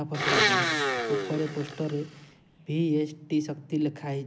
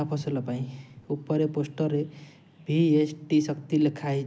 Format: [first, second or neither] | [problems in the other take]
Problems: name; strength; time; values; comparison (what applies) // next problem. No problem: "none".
second | background sound (Domestic sounds, home sounds); 2 dB above the speech